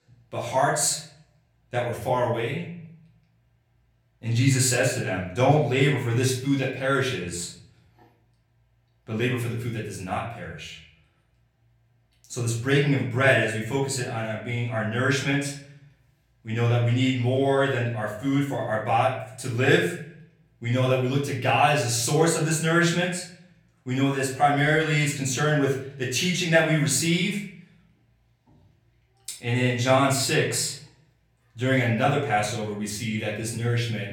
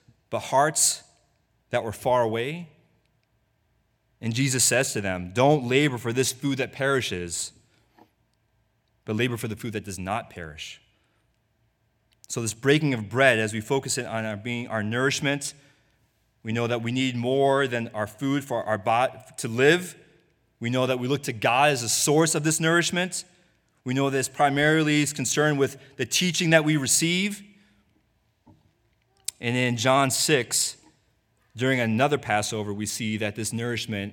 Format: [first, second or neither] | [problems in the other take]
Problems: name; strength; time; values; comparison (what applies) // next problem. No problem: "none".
second | off-mic speech; far // room echo; slight; dies away in 0.6 s